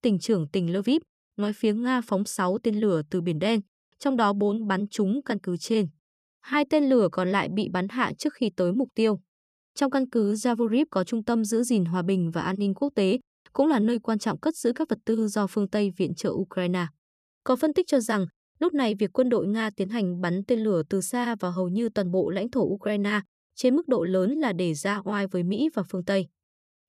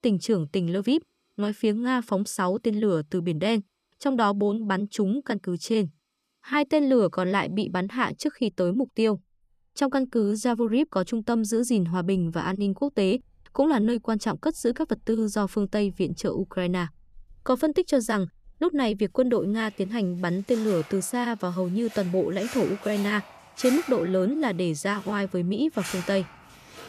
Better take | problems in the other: first | household noises; noticeable; throughout; 15 dB below the speech

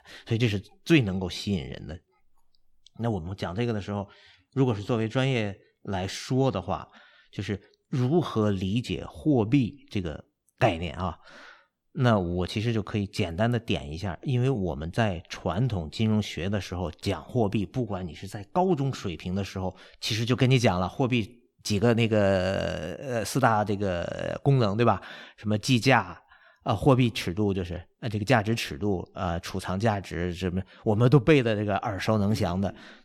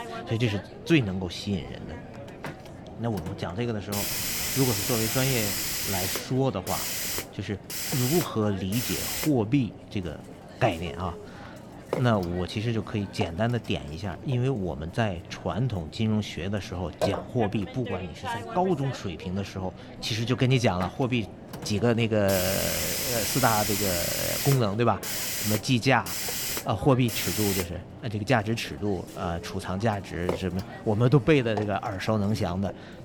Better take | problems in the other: first | hiss; loud; throughout; 3 dB below the speech

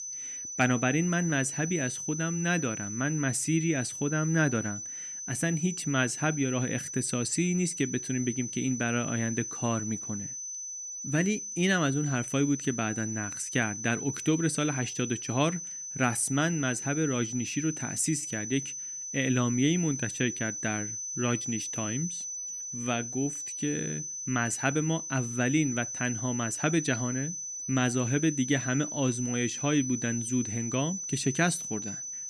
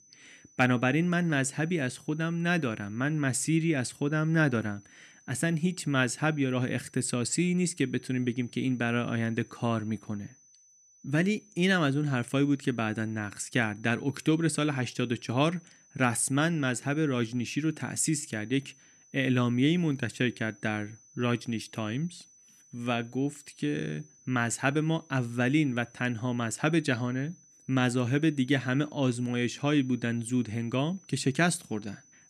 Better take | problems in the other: second | high-pitched whine; loud; throughout; 6 kHz, 5 dB below the speech; faint in the second

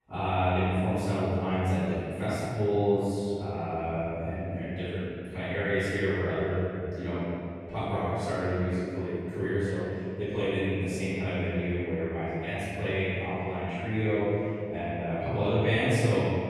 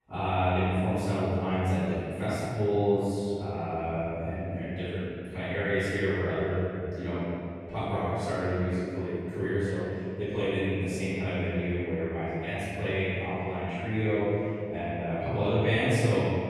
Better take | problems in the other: neither | off-mic speech; far; the same in both // room echo; strong; dies away in 2.6 s; the same in both

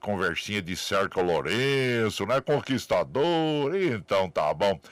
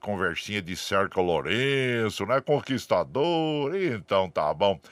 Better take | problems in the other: second | distortion; slight; 5% of the sound clipped

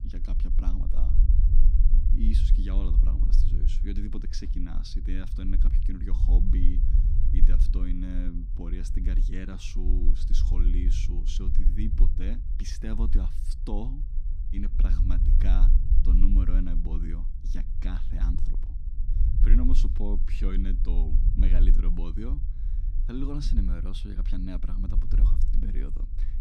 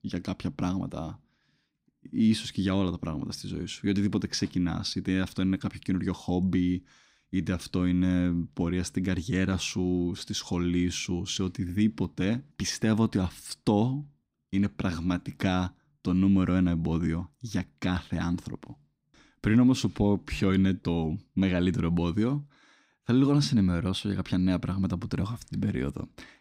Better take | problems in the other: second | low rumble; loud; throughout; 6 dB below the speech

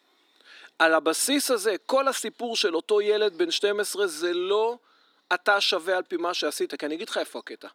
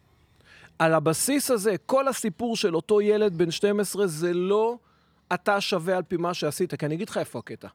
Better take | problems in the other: second | thin; somewhat; fading below 250 Hz

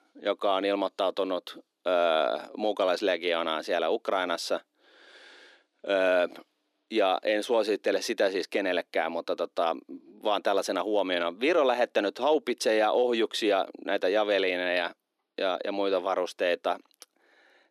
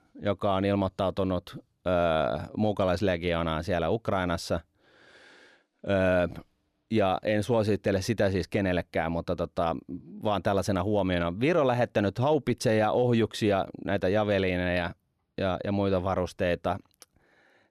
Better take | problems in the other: second | thin; somewhat; fading below 300 Hz

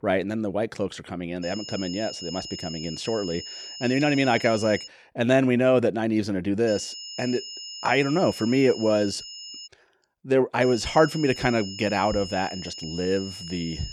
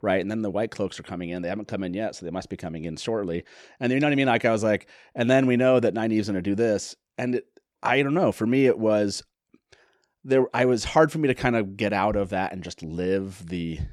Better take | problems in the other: second | high-pitched whine; noticeable; from 1.5 to 5 s, from 6.5 to 9.5 s and from 11 s on; 5 kHz, 10 dB below the speech

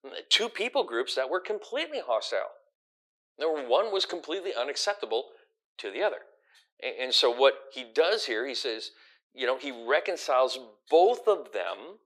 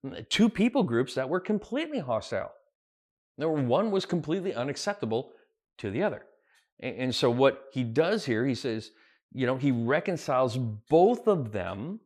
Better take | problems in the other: second | thin; very; fading below 400 Hz

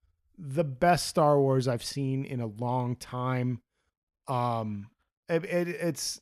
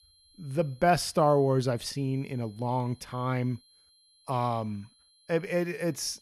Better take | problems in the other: first | high-pitched whine; faint; throughout; 4 kHz, 30 dB below the speech

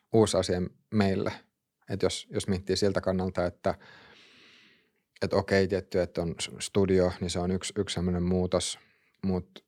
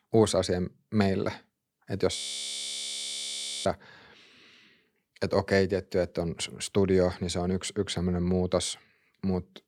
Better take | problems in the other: first | audio freezing; at 2 s for 1.5 s

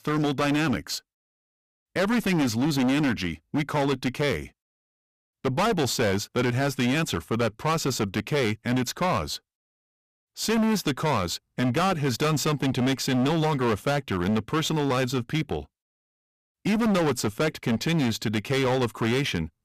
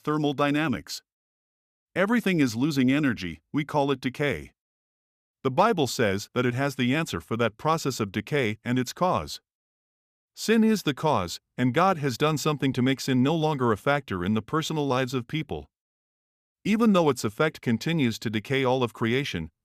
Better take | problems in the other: second | distortion; heavy; 21% of the sound clipped

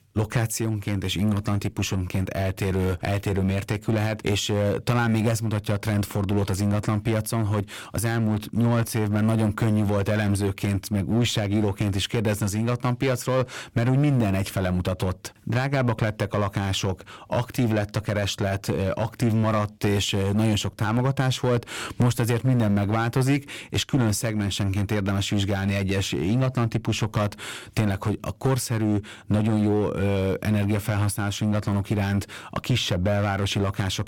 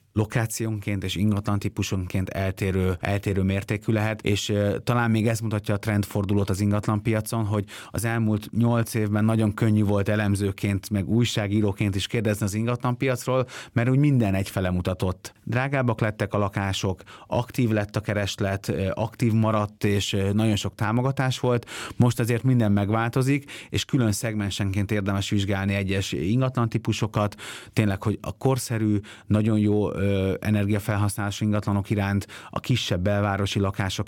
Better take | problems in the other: second | distortion; slight; 8% of the sound clipped

